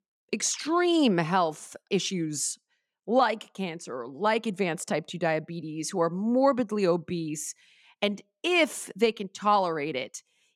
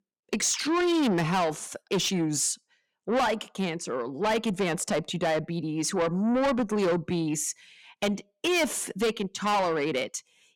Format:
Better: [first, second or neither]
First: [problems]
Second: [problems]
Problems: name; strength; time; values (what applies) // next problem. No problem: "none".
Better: first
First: none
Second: distortion; heavy; 6 dB below the speech